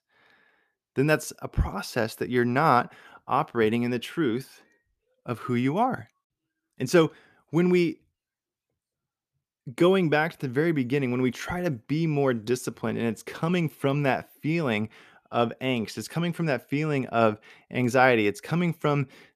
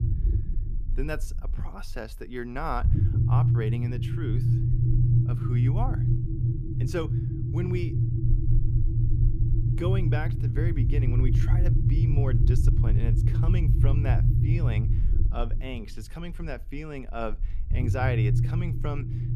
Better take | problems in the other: first | low rumble; loud; throughout; 1 dB below the speech

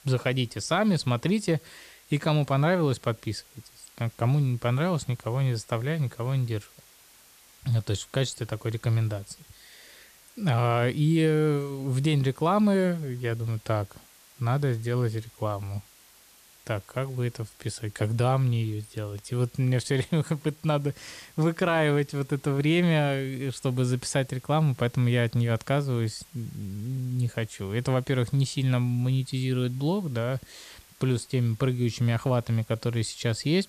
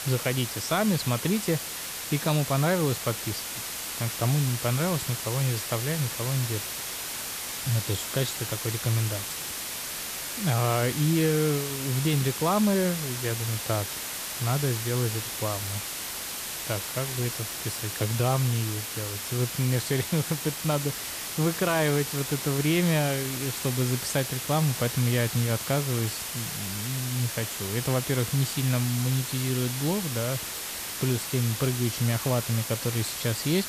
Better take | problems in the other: first | hiss; loud; throughout; 4 dB below the speech; faint in the first

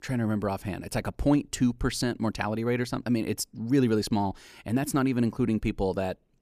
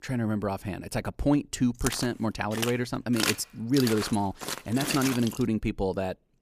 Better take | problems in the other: first | footsteps; loud; from 2 to 5.5 s; peak 1 dB above the speech

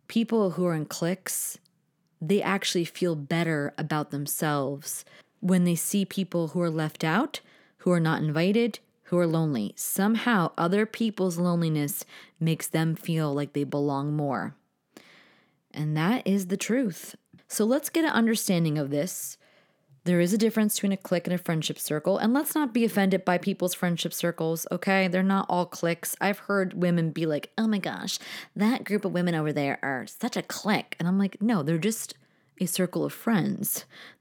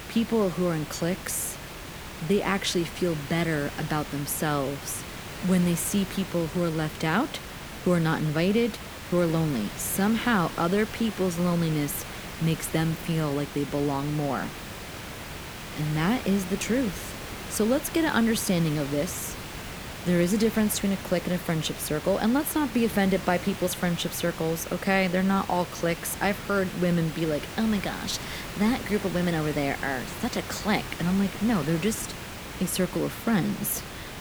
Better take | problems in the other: first | hiss; noticeable; throughout; 10 dB below the speech

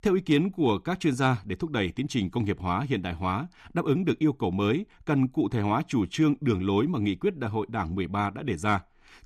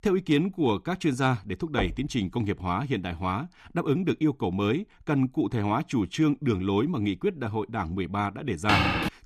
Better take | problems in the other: first | door banging; noticeable; at 2 s; peak 6 dB below the speech // footsteps; loud; at 8.5 s; peak 4 dB above the speech

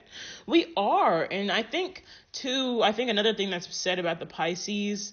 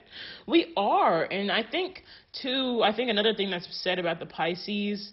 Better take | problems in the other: first | garbled, watery; badly; nothing above 5.5 kHz; slightly in the first

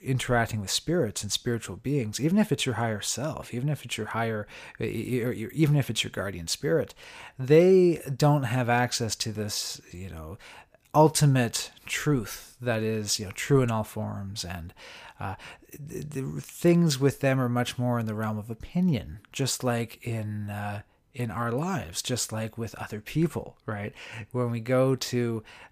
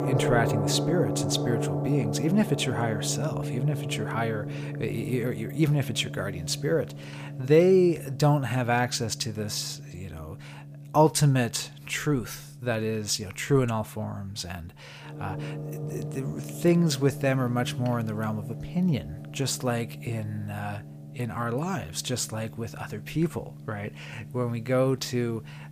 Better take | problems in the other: first | background music; loud; throughout; 8 dB below the speech

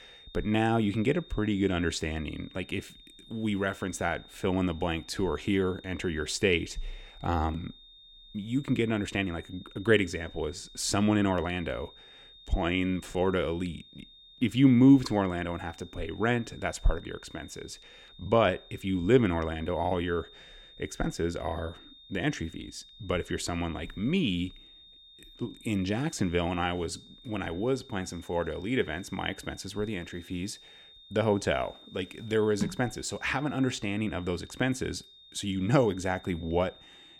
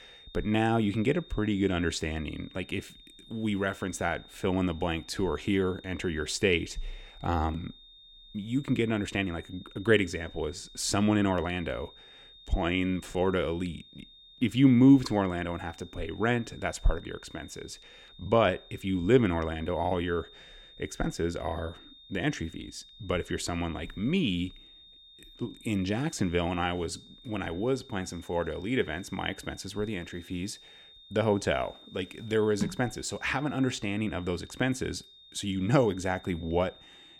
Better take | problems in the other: neither | high-pitched whine; faint; throughout; 3.5 kHz, 20 dB below the speech; the same in both

